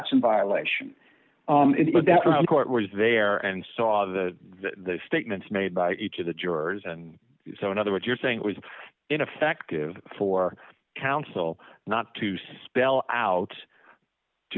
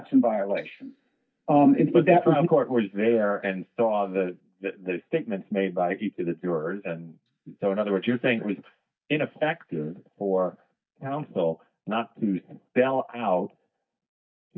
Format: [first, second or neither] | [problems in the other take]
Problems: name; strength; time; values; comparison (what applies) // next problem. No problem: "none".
first | noise reduction (neural mask model DeepFilterNet 3)